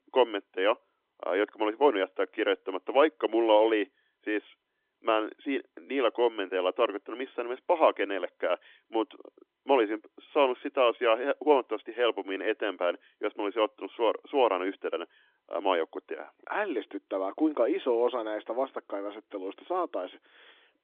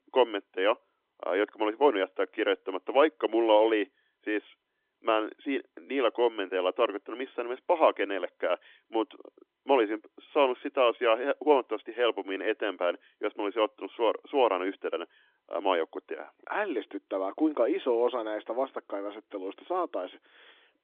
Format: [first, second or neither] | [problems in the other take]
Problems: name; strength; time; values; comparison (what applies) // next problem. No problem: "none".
neither | phone-call audio; nothing above 3 kHz; the same in both